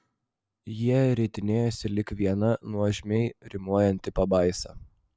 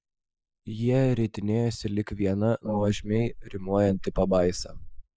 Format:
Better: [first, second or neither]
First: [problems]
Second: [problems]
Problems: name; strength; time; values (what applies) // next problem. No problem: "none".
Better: first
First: none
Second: noise reduction (neural mask model Resemble Enhance denoiser)